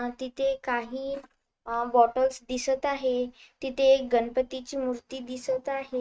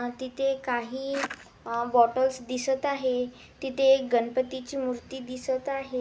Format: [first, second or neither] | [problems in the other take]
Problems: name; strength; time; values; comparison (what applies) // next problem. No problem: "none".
second | noise reduction (neural mask model RNNoise)